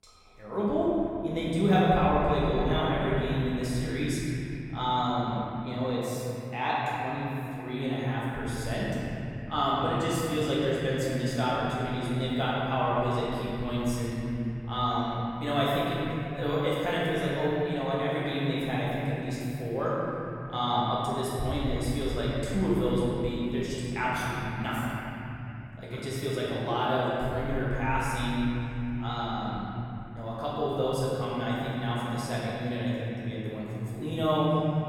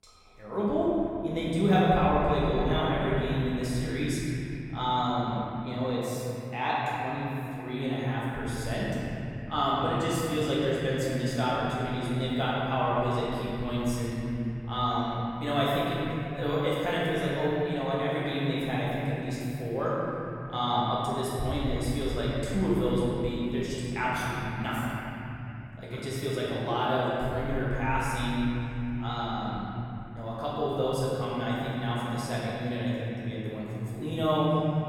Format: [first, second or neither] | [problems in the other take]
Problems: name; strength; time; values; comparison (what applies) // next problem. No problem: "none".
neither | room echo; strong; dies away in 3 s; the same in both // off-mic speech; far; the same in both